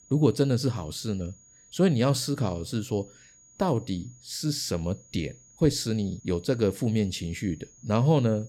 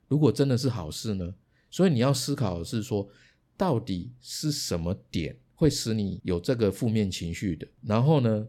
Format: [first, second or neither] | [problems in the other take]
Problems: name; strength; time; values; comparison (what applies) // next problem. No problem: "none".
second | high-pitched whine; faint; throughout; 6.5 kHz, 25 dB below the speech